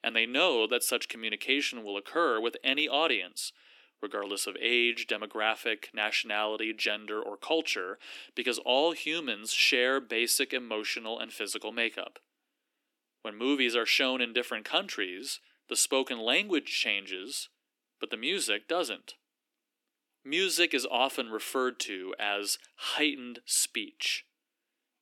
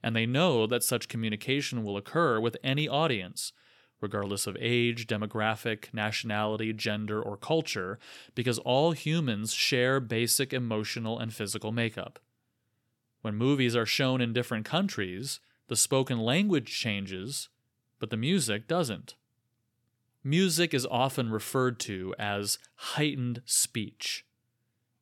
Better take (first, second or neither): second